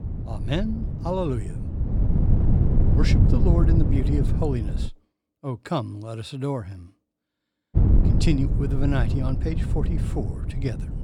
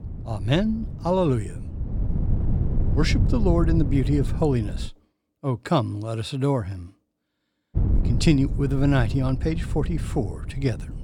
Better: second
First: wind noise on the microphone; heavy; until 5 s and from 8 s on; 4 dB below the speech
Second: wind noise on the microphone; occasional gusts; until 5 s and from 8 s on; 10 dB below the speech

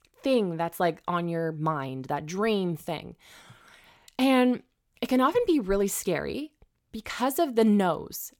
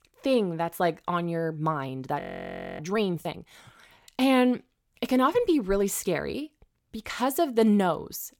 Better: first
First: none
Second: audio freezing; at 2 s for 0.5 s

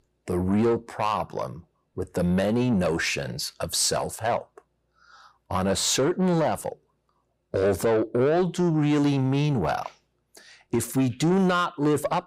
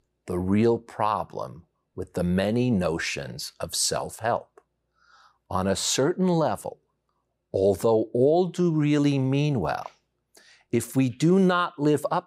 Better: second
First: distortion; slight; 10 dB below the speech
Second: none

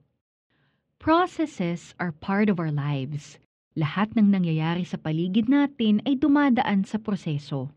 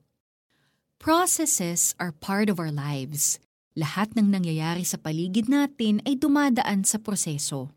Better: second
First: muffled; very; fading above 3 kHz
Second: none

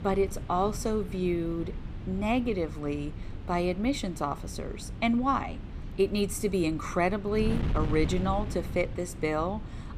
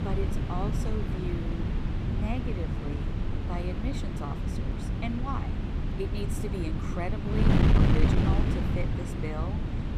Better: first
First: wind noise on the microphone; occasional gusts; 15 dB below the speech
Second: wind noise on the microphone; heavy; 2 dB above the speech

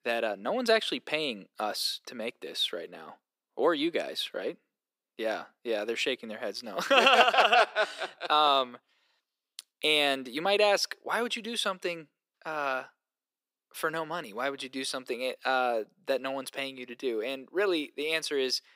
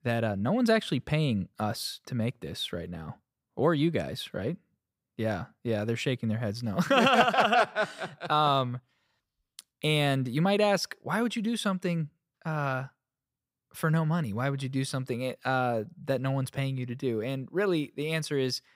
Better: second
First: thin; somewhat; fading below 300 Hz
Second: none

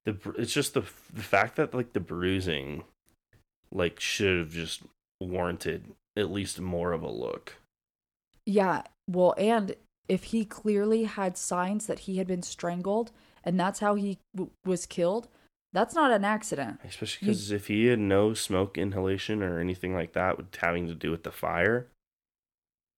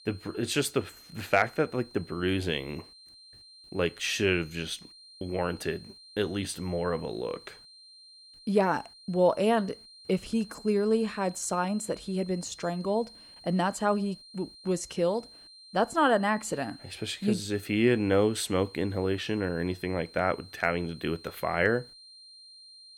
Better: first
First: none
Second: high-pitched whine; faint; throughout; 4 kHz, 20 dB below the speech

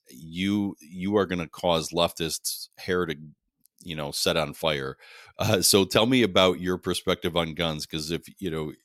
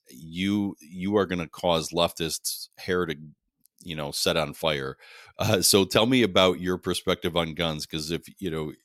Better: neither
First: none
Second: none

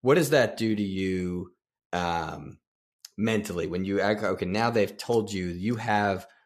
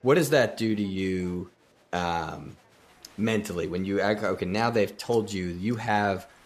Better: first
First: none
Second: crowd noise; faint; throughout; 30 dB below the speech

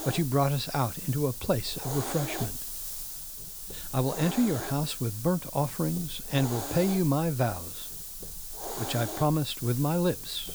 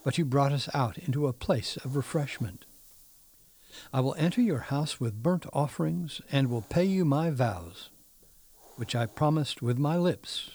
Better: second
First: hiss; loud; throughout; 7 dB below the speech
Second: hiss; faint; throughout; 25 dB below the speech

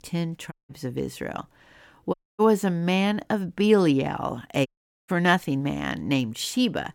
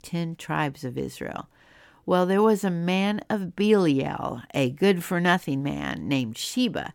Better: second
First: audio cutting out; at 0.5 s, at 2 s and at 4.5 s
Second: none

